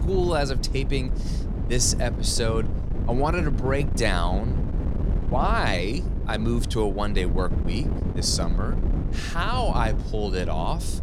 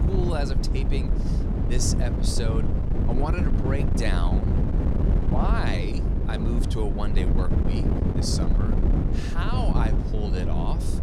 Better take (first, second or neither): first